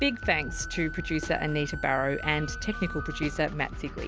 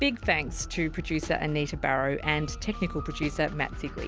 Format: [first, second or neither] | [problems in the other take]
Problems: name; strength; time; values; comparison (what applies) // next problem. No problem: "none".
second | background sound (Wind instrument, woodwind instrument); 12 dB below the speech